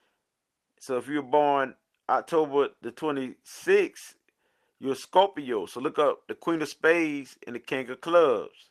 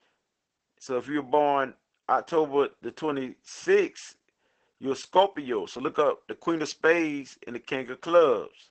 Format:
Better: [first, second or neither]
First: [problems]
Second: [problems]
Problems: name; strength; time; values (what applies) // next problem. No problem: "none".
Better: first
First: garbled, watery; slightly; nothing above 13.5 kHz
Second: garbled, watery; badly; nothing above 8 kHz